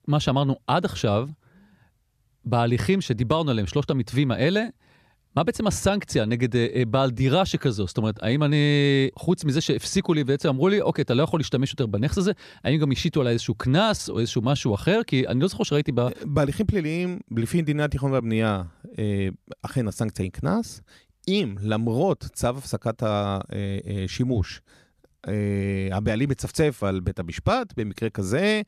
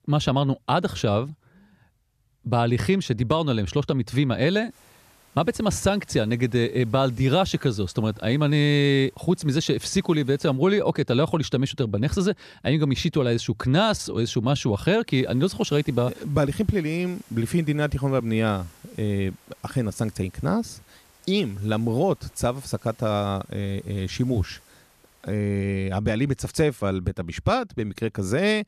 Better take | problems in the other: first | hiss; faint; from 4.5 to 11 s and from 15 to 25 s; 30 dB below the speech

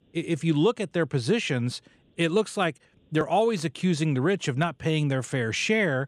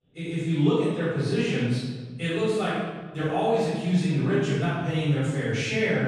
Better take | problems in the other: first | off-mic speech; far // room echo; strong; dies away in 1.3 s

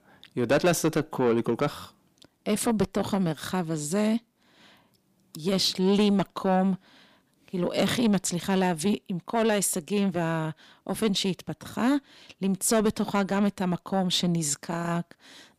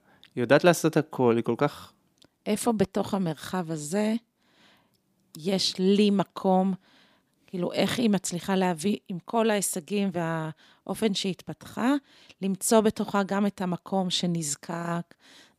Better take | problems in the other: second | distortion; slight; 10 dB below the speech

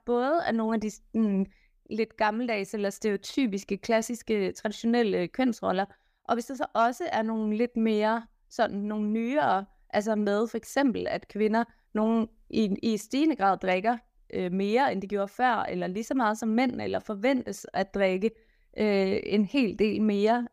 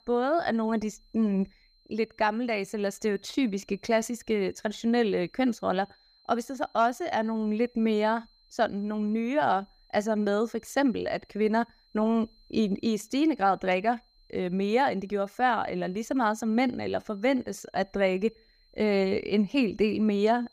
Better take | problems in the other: first | high-pitched whine; faint; throughout; 4 kHz, 35 dB below the speech

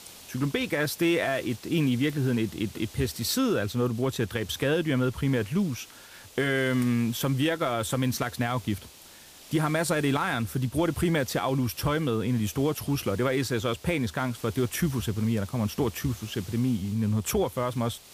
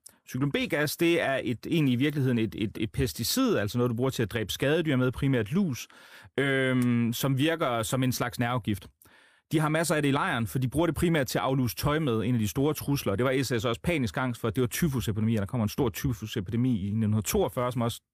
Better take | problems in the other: second | hiss; noticeable; throughout; 20 dB below the speech

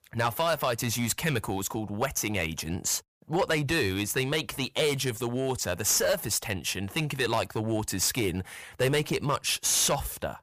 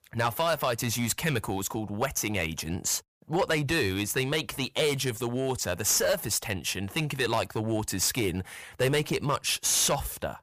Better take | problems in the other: neither | distortion; slight; 5% of the sound clipped; the same in both

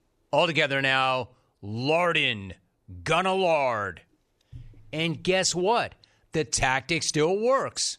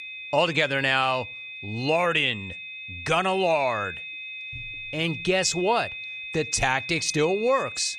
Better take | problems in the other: first | high-pitched whine; loud; throughout; 2.5 kHz, 10 dB below the speech

